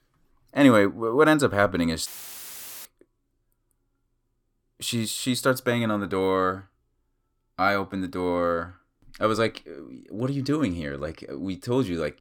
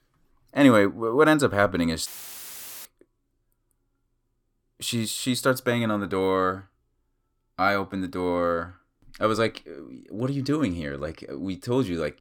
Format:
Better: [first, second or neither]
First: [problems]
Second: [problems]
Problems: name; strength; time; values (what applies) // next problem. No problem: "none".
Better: neither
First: audio cutting out; filled with static; at 2 s for 1 s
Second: audio cutting out; filled with static; at 2 s for 1 s